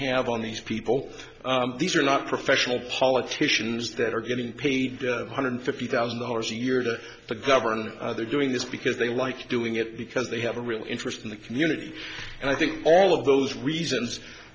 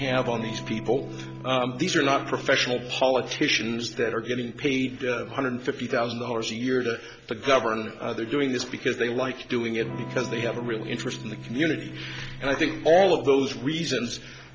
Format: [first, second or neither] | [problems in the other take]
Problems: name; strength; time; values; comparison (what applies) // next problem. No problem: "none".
first | background sound (Electric guitar / Strum); 15 dB below the speech